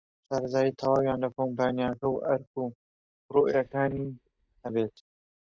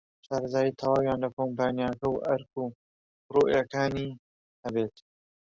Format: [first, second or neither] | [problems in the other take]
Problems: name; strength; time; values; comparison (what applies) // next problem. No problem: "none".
second | noise reduction (neural mask model DeepFilterNet 3)